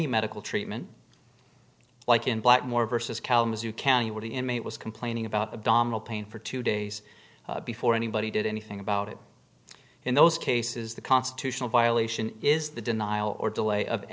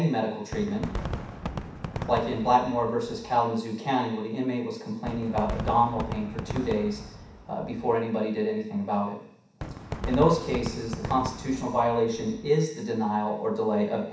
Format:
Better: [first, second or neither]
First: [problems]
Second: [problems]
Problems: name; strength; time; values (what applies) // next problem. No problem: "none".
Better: first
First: none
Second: background sound (Fireworks); 10 dB below the speech // room echo; dies away in 0.7 s